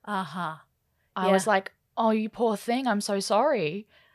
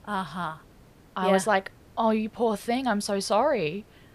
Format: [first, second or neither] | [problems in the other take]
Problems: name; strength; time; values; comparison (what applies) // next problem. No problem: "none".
first | hiss; faint; throughout; 30 dB below the speech